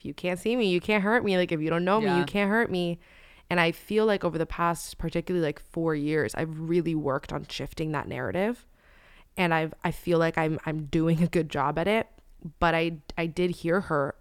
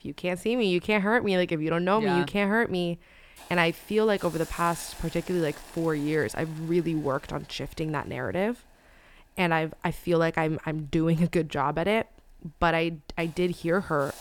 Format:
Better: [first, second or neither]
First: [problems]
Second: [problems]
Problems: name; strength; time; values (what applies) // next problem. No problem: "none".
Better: first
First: none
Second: hiss; faint; throughout; 20 dB below the speech